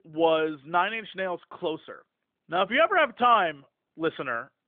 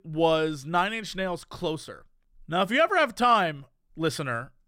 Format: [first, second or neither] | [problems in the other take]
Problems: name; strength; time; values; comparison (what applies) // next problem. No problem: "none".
second | phone-call audio; nothing above 3.5 kHz